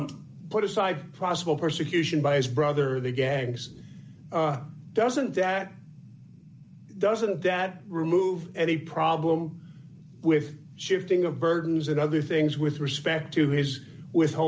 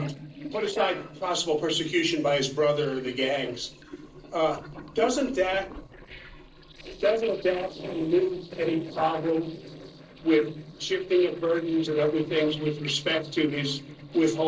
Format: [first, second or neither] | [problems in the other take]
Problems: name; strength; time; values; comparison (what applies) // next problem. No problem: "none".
first | noise reduction (neural separator model SepFormer DNS4)